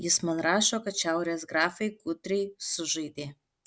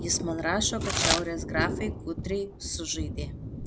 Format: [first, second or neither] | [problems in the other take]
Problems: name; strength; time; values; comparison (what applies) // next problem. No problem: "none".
first | background sound (Thunder + Packing tape, duct tape / Tearing); 1 dB below the speech